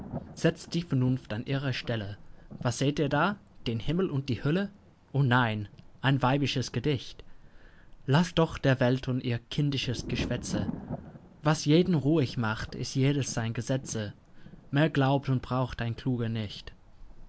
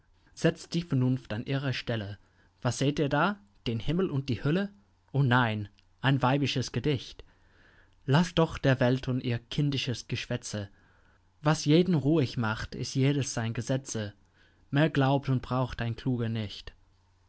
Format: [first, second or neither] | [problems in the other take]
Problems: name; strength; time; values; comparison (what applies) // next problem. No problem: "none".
second | background sound (Thunder); 15 dB below the speech